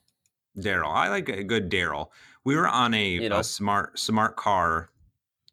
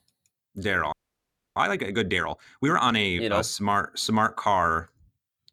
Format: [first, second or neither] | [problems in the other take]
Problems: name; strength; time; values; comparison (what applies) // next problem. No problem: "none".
first | audio freezing; at 1 s for 0.5 s